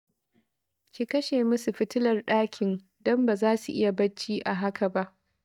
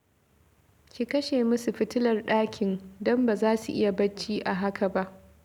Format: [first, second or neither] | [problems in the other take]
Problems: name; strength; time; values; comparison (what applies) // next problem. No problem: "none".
second | noise reduction (neural mask model DeepFilterNet 3)